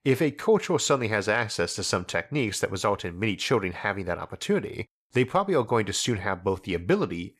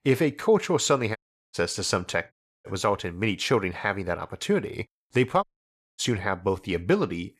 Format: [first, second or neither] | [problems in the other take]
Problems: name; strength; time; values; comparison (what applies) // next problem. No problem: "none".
first | audio cutting out; at 1 s, at 2.5 s and at 5.5 s for 0.5 s